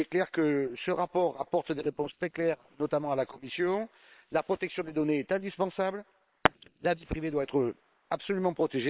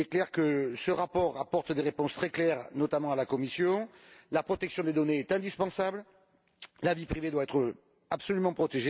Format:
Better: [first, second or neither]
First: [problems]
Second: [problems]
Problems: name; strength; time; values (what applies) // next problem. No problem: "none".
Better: second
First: noise reduction (neural separator model SepFormer WHAM!)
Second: none